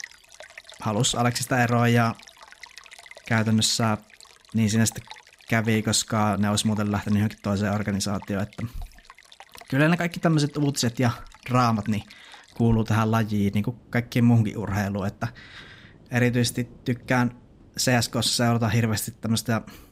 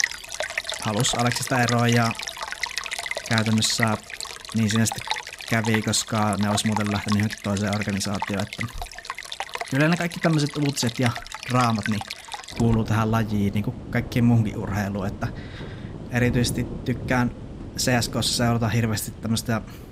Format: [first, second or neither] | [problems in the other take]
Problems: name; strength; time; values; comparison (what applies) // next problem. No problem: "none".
first | rain or running water; loud; throughout; 8 dB below the speech; faint in the first